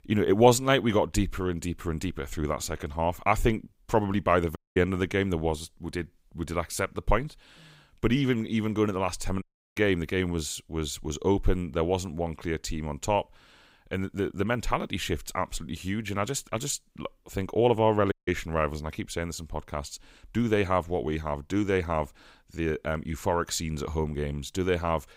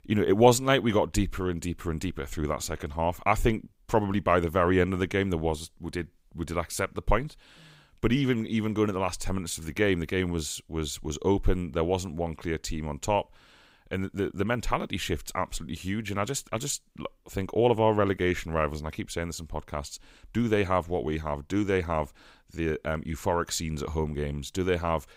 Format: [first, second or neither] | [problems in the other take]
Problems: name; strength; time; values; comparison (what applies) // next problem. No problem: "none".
second | audio cutting out; at 4.5 s, at 9.5 s and at 18 s